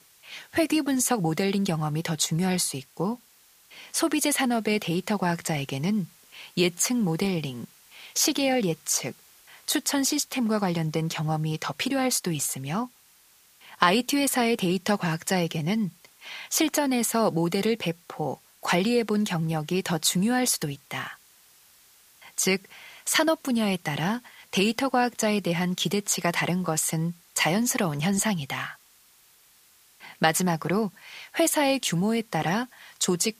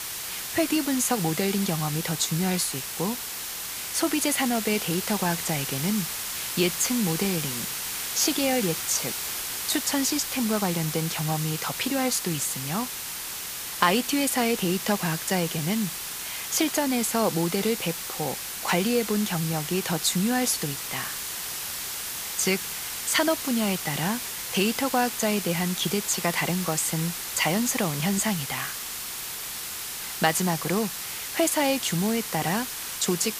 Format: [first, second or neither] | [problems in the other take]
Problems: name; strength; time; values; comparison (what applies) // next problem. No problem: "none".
first | hiss; loud; throughout; 4 dB below the speech; faint in the first